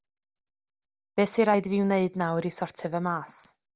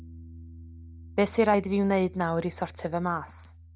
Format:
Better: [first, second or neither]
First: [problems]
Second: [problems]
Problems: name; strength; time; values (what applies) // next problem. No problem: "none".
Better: first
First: none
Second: background sound (Piano); 18 dB below the speech